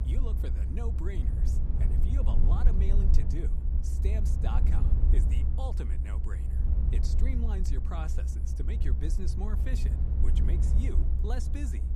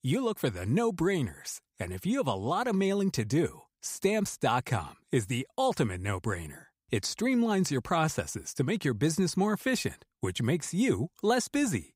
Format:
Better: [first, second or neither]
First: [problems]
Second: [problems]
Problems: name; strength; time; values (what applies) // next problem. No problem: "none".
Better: second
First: low rumble; loud; throughout; 1 dB below the speech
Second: none